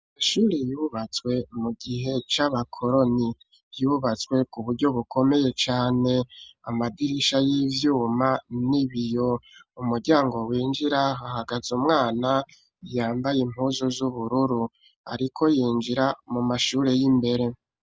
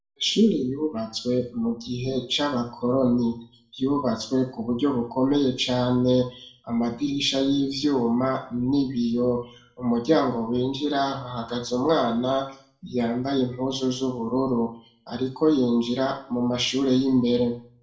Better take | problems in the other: first | room echo; dies away in 0.4 s

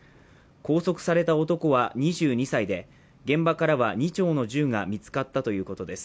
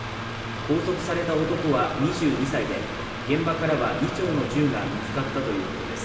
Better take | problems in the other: first | background sound (Mechanical fan); 6 dB below the speech // room echo; dies away in 2.6 s

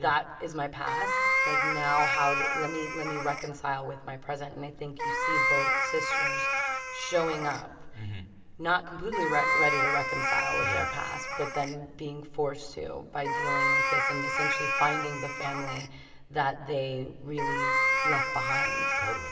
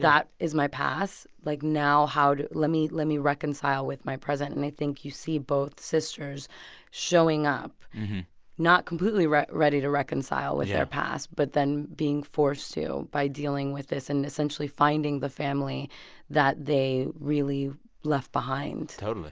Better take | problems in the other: second | background sound (Meow); 3 dB above the speech // room echo; dies away in 1.8 s

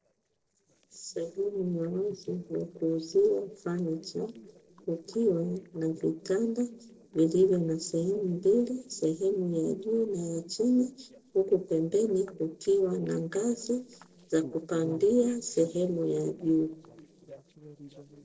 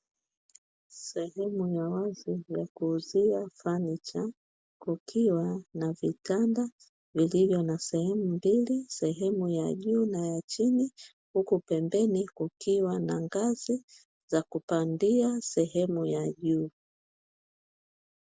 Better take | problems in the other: second | noise reduction (neural separator model SepFormer DNS4)

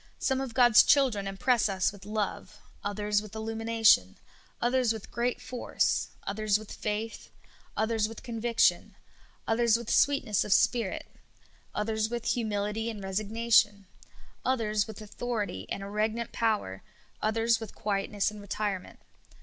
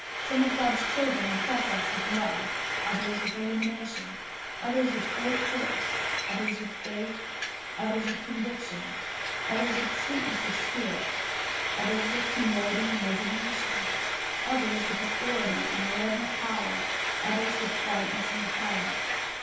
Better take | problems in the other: first | background sound (Frying (food)); 2 dB above the speech // room echo; dies away in 0.8 s

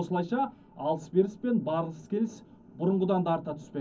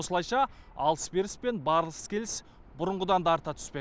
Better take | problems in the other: second | room echo; dies away in 0.4 s

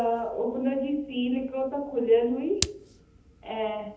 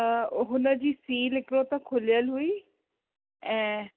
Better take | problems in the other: second | background sound (Hands); 14 dB below the speech // room echo; dies away in 0.8 s

